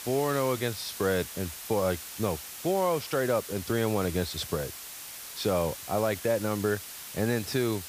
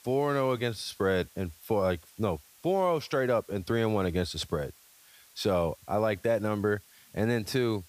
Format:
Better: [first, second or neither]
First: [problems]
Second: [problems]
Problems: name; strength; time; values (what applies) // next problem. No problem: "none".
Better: second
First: hiss; loud; throughout; 9 dB below the speech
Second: hiss; faint; throughout; 25 dB below the speech